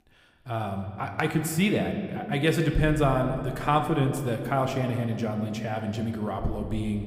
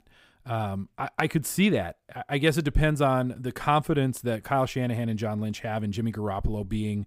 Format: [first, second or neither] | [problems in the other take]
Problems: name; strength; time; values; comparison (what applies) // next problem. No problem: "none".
second | room echo; slight; dies away in 1.8 s